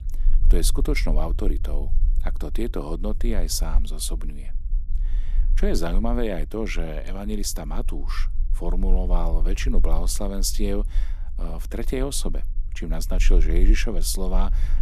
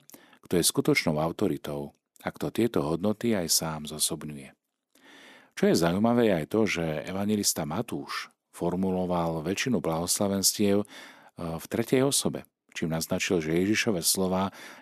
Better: second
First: low rumble; faint; throughout; 20 dB below the speech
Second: none

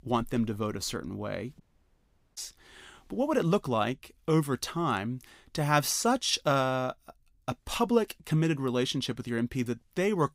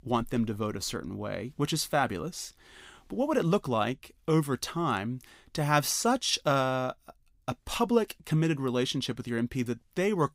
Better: second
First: audio cutting out; at 1.5 s for 1 s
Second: none

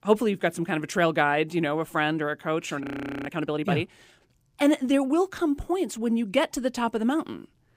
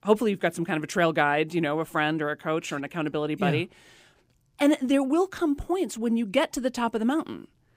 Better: second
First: audio freezing; at 3 s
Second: none

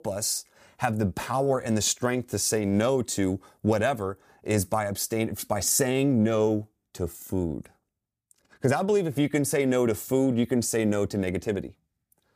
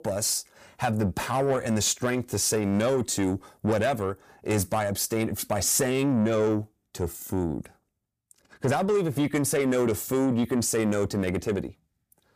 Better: first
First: none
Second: distortion; slight; 10 dB below the speech

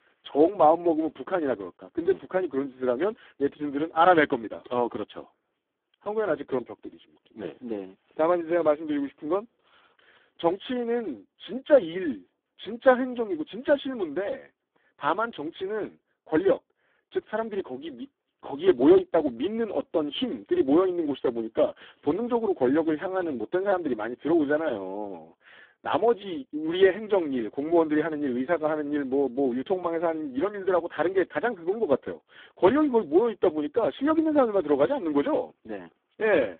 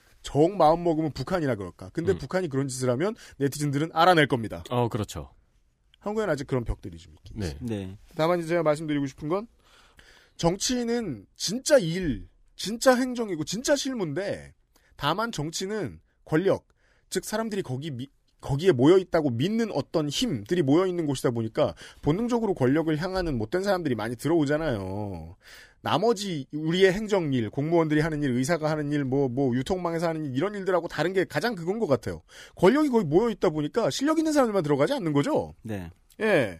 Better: second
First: phone-call audio; poor line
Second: none

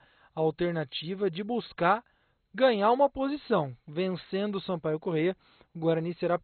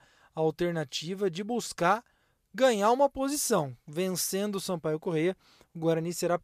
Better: second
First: garbled, watery; badly; nothing above 4 kHz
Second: none

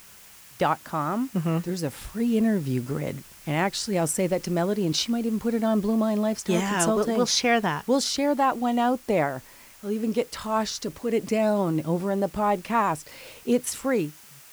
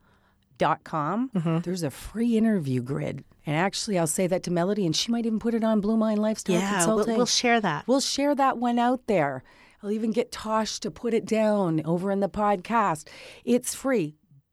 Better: second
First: hiss; faint; throughout; 20 dB below the speech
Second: none

